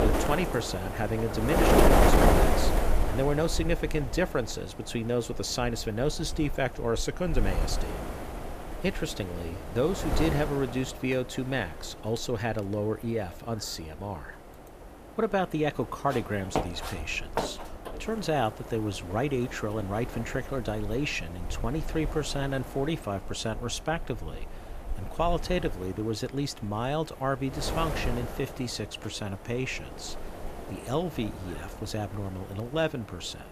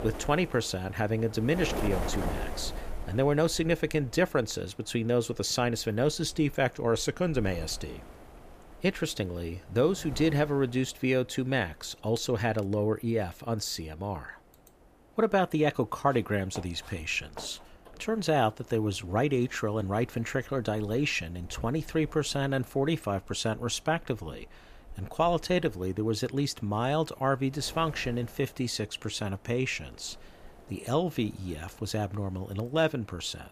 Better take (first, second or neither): second